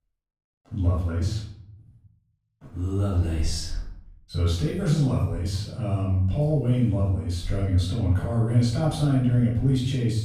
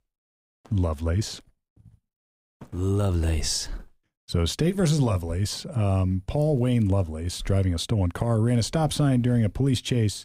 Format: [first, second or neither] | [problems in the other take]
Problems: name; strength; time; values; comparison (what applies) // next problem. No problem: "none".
second | off-mic speech; far // room echo; noticeable; dies away in 0.6 s